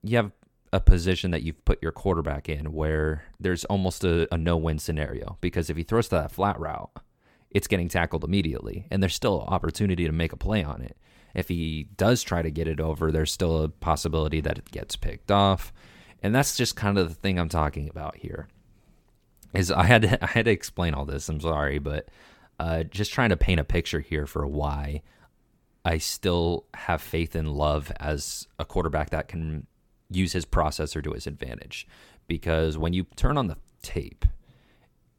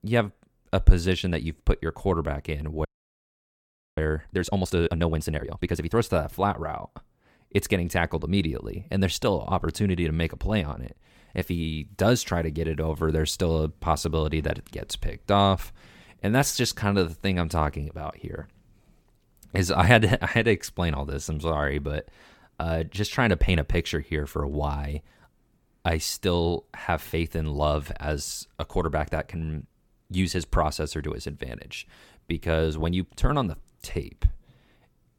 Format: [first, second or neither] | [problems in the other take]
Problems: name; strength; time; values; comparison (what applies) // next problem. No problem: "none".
first | audio freezing; at 3 s for 1 s